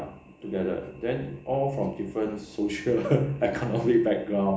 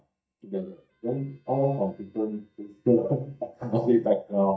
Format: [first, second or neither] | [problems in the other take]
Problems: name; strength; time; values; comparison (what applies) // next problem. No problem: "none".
first | noise reduction (neural mask model DeepFilterNet 3)